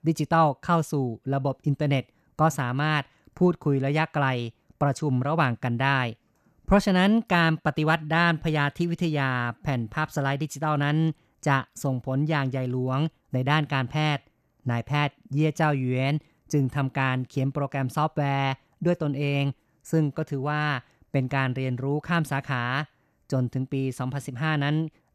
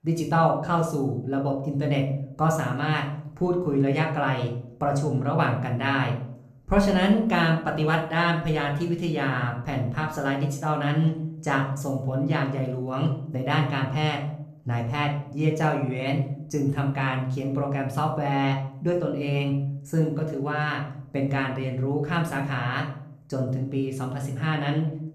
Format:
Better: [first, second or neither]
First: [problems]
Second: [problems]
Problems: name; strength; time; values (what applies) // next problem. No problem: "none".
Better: first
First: none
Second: room echo; slight; dies away in 0.6 s // off-mic speech; somewhat distant